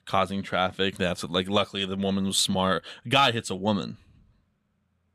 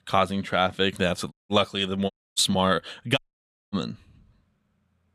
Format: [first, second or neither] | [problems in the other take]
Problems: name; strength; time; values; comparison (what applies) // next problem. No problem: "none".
first | audio cutting out; at 1.5 s, at 2 s and at 3 s for 0.5 s